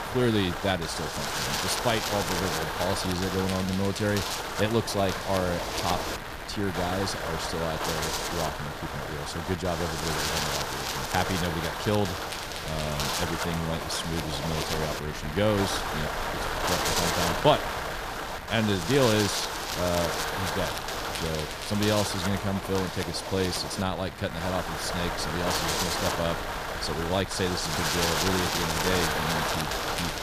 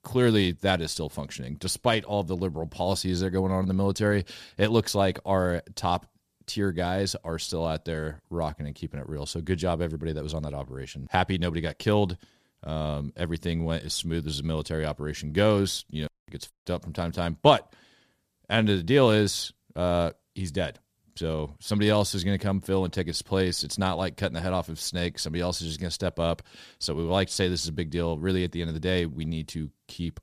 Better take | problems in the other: second | wind noise on the microphone; heavy; 2 dB above the speech

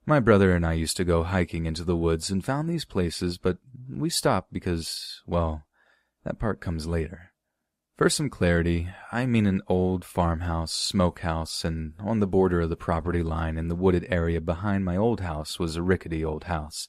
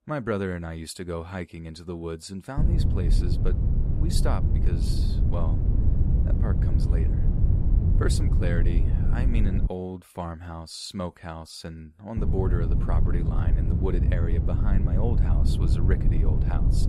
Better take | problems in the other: first | wind noise on the microphone; heavy; from 2.5 to 9.5 s and from 12 s on; 3 dB below the speech

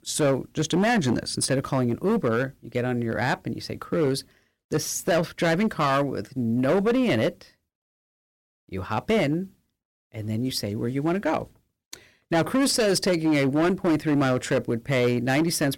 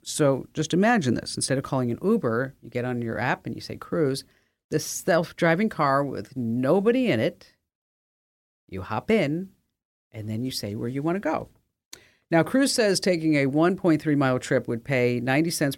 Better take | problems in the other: second | distortion; slight; 9% of the sound clipped

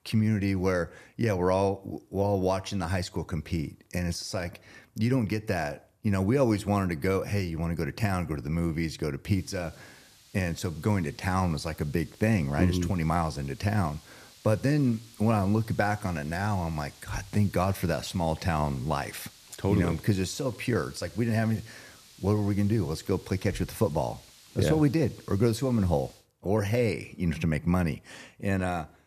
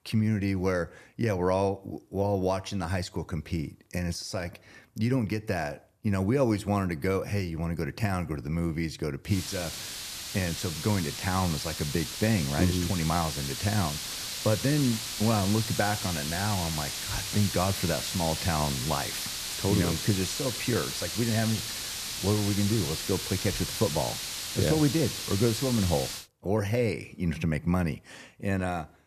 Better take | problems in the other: first | hiss; loud; from 9.5 to 26 s; 3 dB below the speech; faint in the first

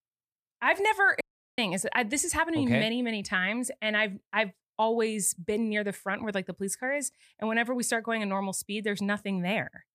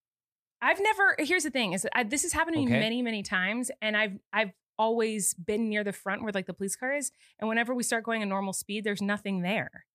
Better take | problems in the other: second | audio cutting out; at 1 s

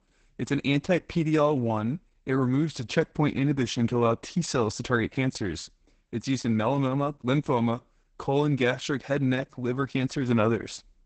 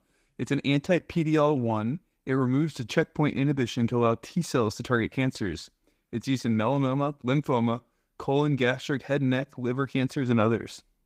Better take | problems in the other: second | garbled, watery; badly; nothing above 8 kHz; slightly in the second

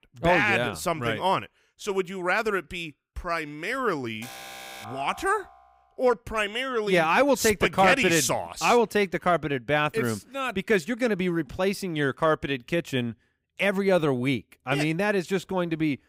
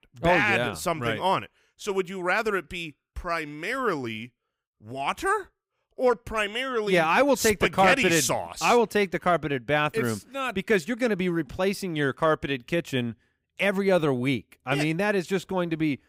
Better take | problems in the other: second | alarm; faint; from 4 to 6 s; peak 15 dB below the speech

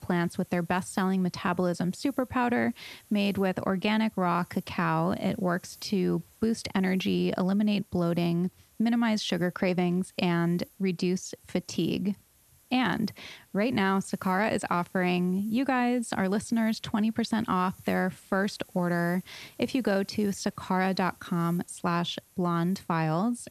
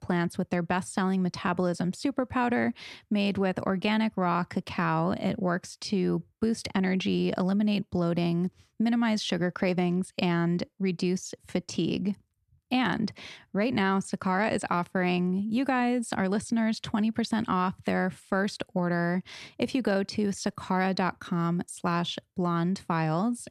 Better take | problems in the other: second | hiss; faint; throughout; 25 dB below the speech

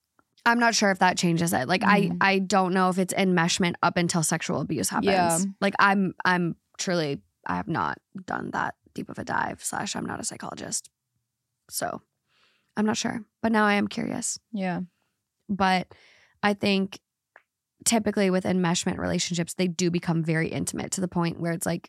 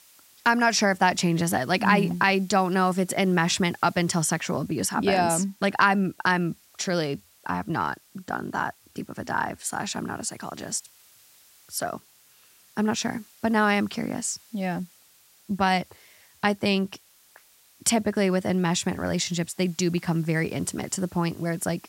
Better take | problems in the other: first | hiss; faint; throughout; 30 dB below the speech

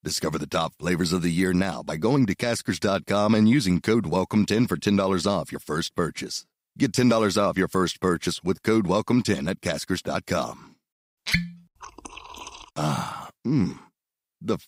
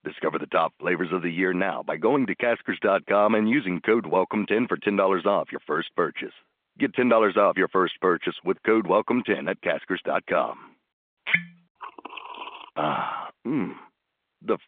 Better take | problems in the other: first | phone-call audio

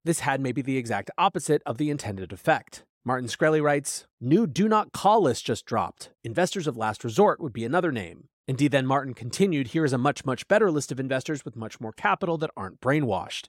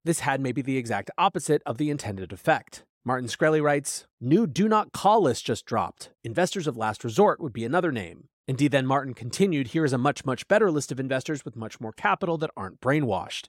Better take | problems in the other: neither | none

